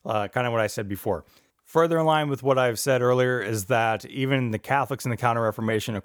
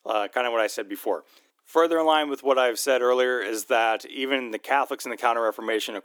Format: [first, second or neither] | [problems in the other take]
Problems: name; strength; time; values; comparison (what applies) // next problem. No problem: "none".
first | thin; somewhat; fading below 300 Hz